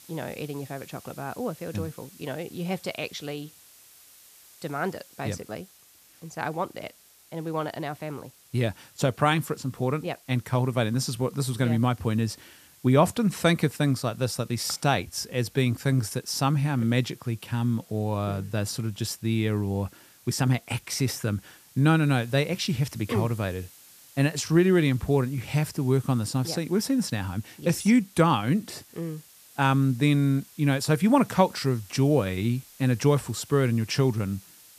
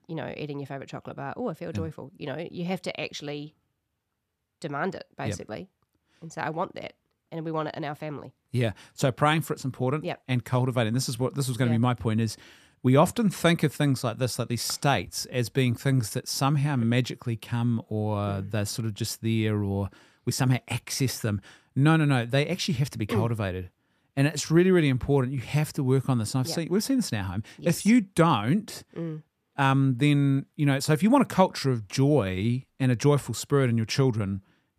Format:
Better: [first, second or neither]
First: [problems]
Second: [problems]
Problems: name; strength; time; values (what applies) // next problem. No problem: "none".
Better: second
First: hiss; faint; throughout; 25 dB below the speech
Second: none